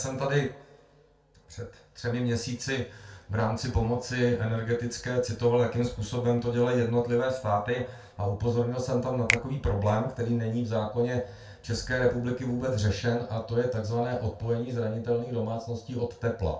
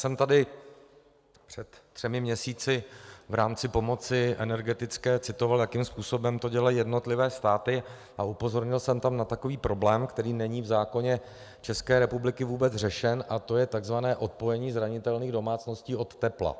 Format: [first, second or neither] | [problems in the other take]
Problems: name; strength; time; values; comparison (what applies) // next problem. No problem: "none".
second | background sound (Finger snapping); 8 dB below the speech // room echo; dies away in 0.3 s